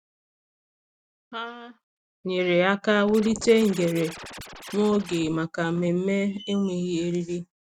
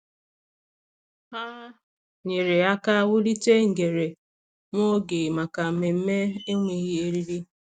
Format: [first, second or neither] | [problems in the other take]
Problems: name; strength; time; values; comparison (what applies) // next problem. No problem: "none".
second | background sound (Scratching (performance technique)); 15 dB below the speech